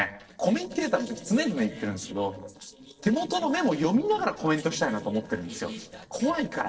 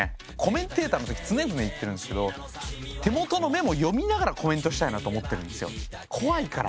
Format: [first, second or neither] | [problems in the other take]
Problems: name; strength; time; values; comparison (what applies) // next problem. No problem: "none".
second | noise reduction (neural separator model SepFormer DNS4)